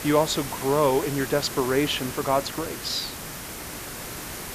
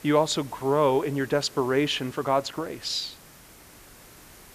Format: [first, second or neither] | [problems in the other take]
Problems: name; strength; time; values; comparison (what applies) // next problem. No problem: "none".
second | hiss; loud; throughout; 8 dB below the speech; faint in the second